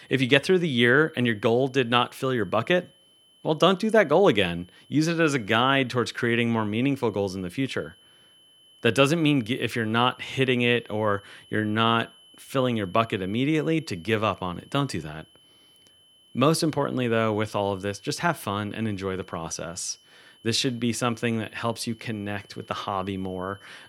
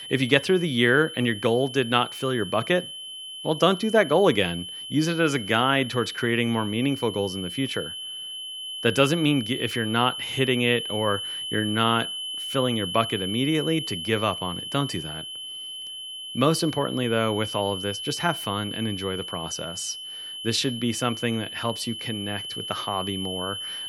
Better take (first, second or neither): first